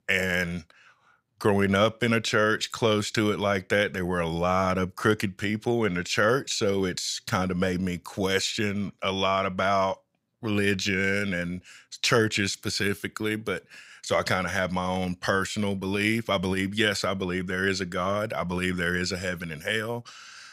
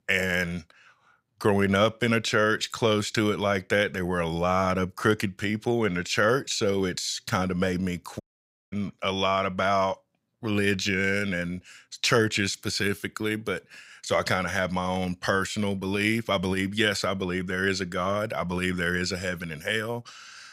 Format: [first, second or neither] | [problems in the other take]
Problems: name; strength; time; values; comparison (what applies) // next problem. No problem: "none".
first | audio cutting out; at 8 s for 0.5 s